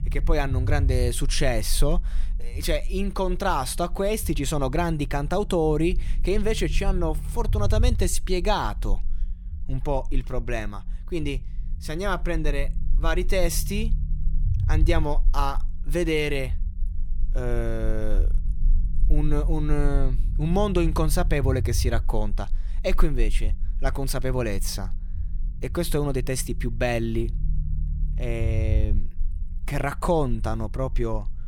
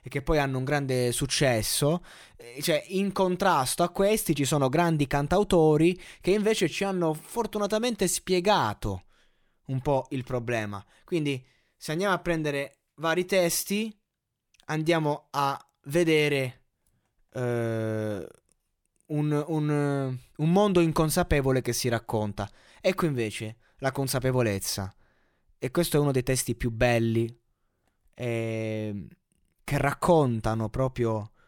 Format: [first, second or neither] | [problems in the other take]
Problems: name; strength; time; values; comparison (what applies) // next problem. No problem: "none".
second | low rumble; faint; throughout; 20 dB below the speech